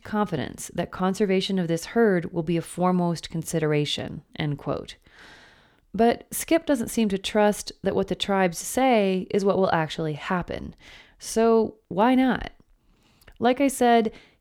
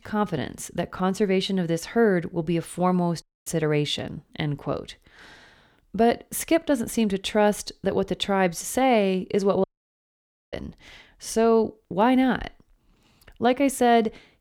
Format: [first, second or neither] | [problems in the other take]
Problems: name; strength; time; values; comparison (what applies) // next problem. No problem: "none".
first | audio cutting out; at 3 s and at 9.5 s for 1 s